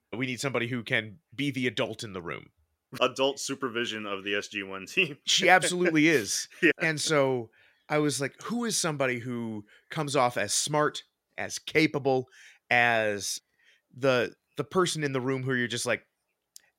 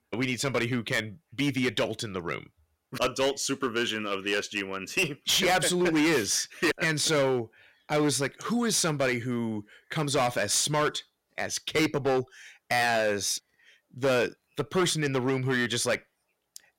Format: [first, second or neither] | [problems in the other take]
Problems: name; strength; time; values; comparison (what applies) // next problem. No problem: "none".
first | distortion; heavy; 9% of the sound clipped